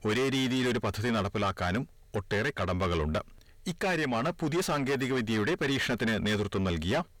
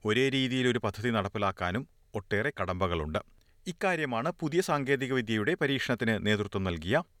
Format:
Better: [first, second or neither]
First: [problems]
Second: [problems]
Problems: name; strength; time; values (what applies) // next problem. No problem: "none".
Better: second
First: distortion; heavy; 5 dB below the speech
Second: none